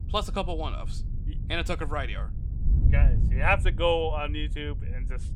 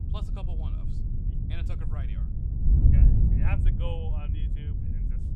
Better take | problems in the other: first | wind noise on the microphone; heavy; 2 dB above the speech; occasional gusts in the first

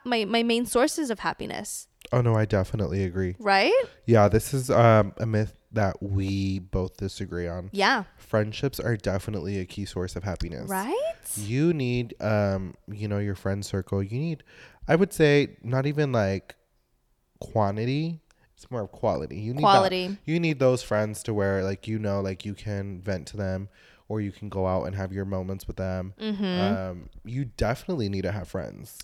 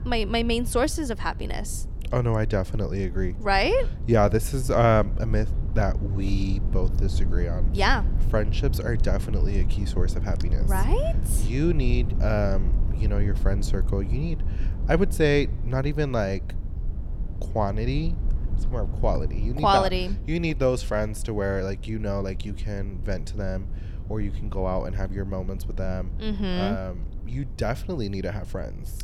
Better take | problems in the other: first | low rumble; noticeable; throughout; 20 dB below the speech

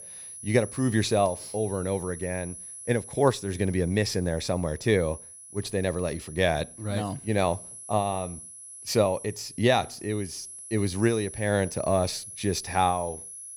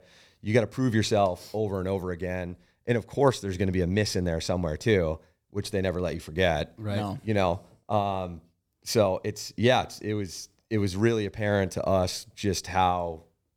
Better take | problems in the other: second | high-pitched whine; noticeable; throughout; 10.5 kHz, 15 dB below the speech

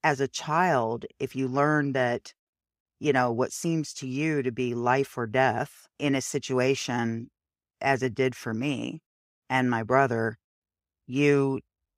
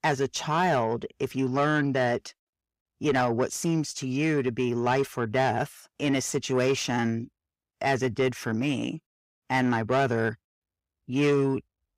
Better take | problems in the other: first | distortion; slight; 10 dB below the speech

